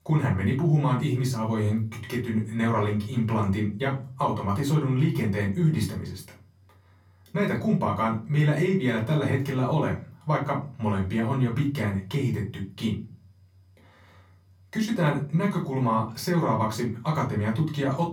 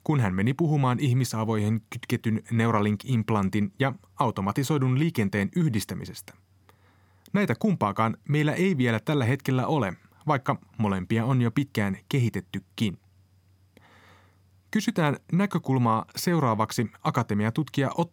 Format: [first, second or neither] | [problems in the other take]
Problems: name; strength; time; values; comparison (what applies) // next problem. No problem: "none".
second | off-mic speech; far // room echo; slight; dies away in 0.3 s